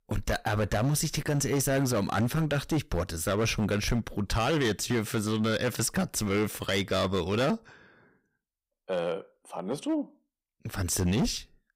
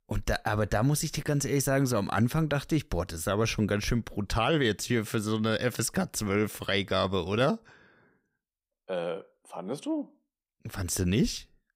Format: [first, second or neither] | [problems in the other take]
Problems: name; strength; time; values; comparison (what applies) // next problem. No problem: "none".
second | distortion; slight; 10% of the sound clipped